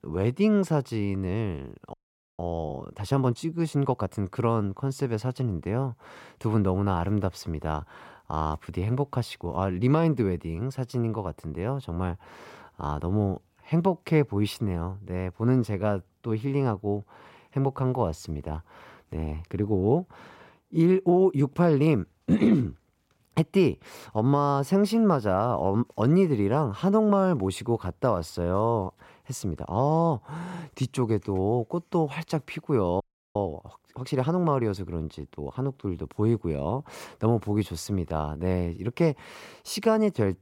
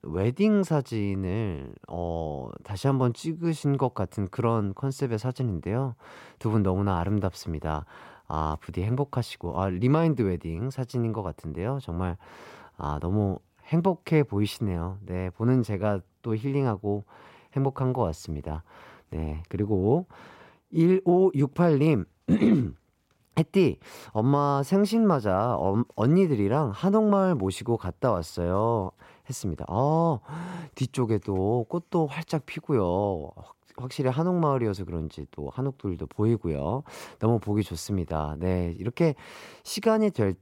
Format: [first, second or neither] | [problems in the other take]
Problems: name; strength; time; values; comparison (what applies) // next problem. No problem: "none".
second | audio freezing; at 2 s and at 33 s